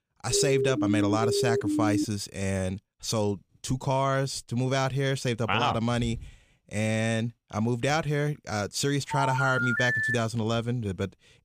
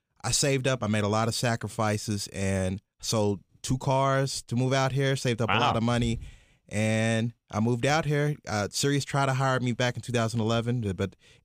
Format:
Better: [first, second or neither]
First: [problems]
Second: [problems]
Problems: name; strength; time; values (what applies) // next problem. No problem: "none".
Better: second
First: siren; loud; until 2 s; peak 1 dB above the speech // phone ringing; loud; from 9 to 10 s; peak 3 dB above the speech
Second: none